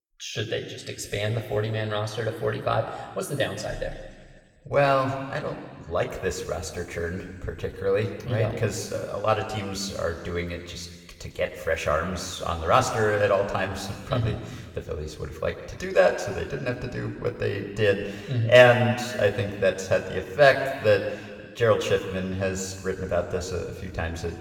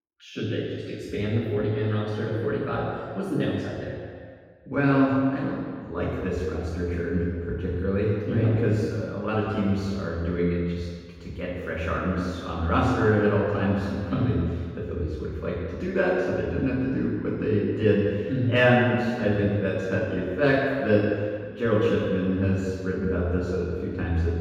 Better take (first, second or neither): first